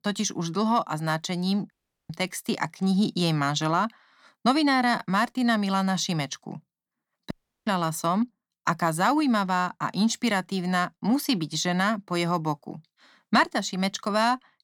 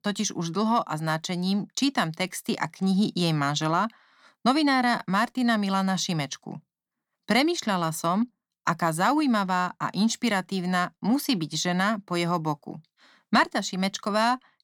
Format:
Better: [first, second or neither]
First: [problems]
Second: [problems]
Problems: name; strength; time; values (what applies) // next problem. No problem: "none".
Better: second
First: audio cutting out; at 1.5 s and at 7.5 s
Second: none